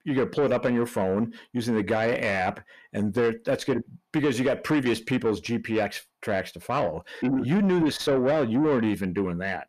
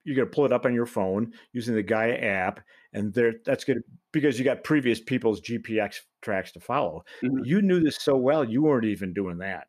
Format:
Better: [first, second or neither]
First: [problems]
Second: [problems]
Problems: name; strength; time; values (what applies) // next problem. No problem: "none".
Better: second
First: distortion; slight; 10 dB below the speech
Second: none